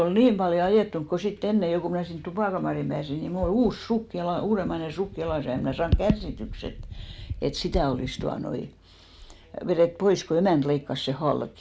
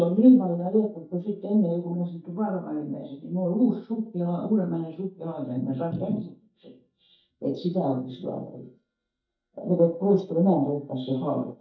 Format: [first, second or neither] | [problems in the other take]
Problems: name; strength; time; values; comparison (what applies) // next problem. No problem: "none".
first | noise reduction (neural mask model DeepFilterNet 3)